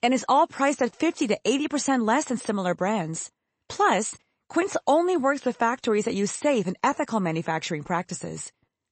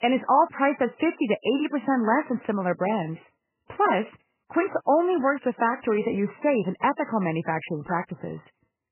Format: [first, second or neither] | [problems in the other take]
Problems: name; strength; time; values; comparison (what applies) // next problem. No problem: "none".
first | garbled, watery; badly; nothing above 3 kHz; slightly in the first